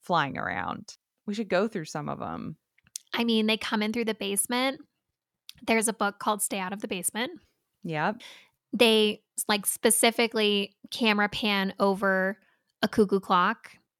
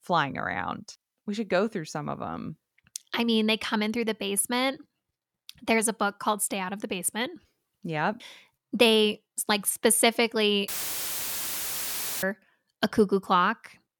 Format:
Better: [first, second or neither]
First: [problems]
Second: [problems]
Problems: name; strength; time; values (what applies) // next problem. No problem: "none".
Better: first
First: none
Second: audio cutting out; filled with static; at 11 s for 1.5 s